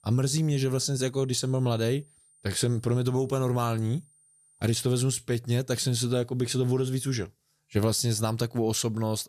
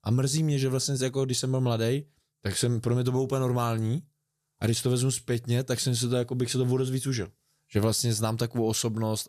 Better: second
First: high-pitched whine; faint; until 5 s; 9 kHz, 30 dB below the speech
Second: none

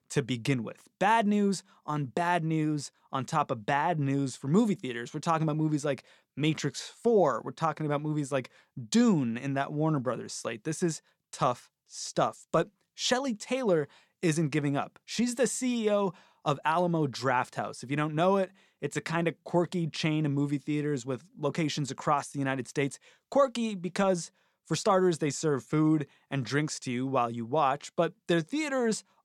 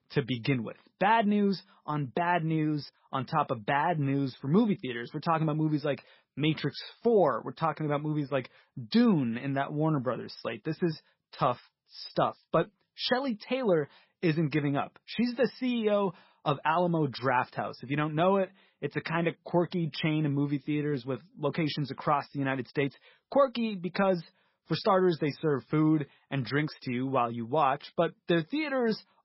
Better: first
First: none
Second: garbled, watery; badly; nothing above 5.5 kHz

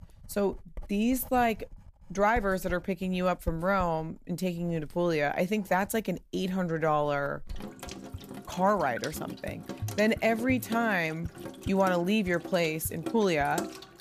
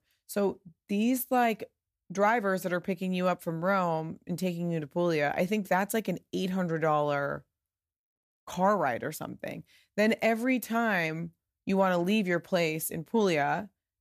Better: second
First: household noises; noticeable; throughout; 15 dB below the speech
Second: none

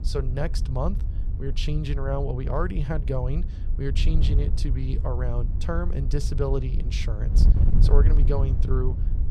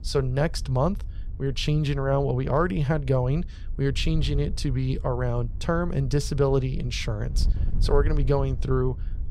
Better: second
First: wind noise on the microphone; heavy; 9 dB below the speech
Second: wind noise on the microphone; occasional gusts; 20 dB below the speech

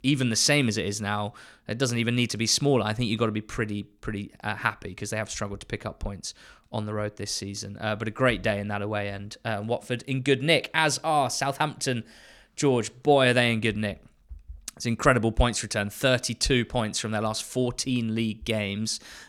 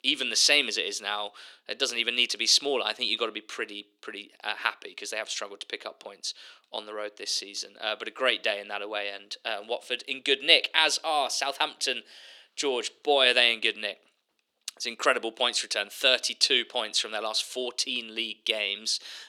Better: first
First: none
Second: thin; very; fading below 350 Hz

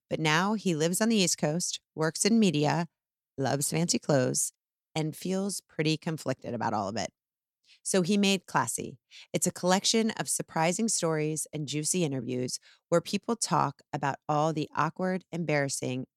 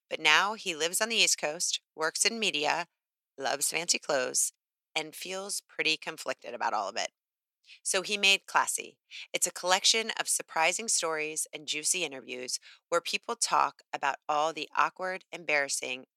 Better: first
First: none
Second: thin; very; fading below 600 Hz

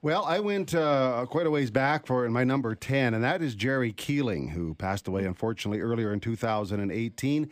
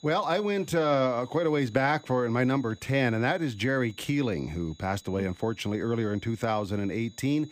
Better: first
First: none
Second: high-pitched whine; faint; throughout; 4 kHz, 25 dB below the speech

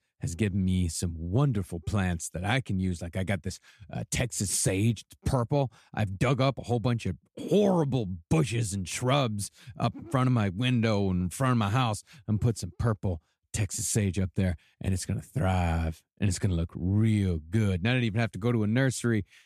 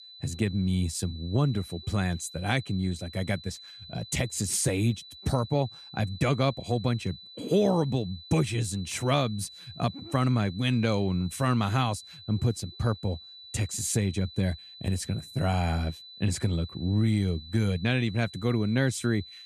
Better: first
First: none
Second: high-pitched whine; noticeable; throughout; 4 kHz, 15 dB below the speech

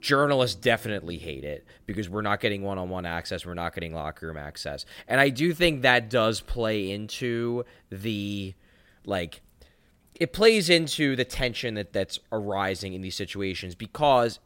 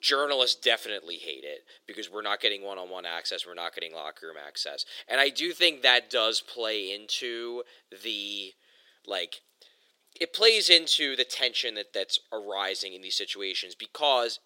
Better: first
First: none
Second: thin; very; fading below 400 Hz

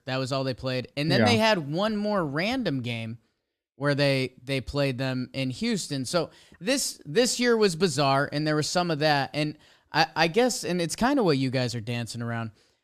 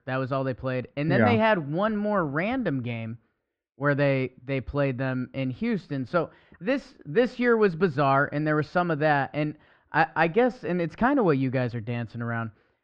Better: first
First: none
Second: muffled; very; fading above 2 kHz

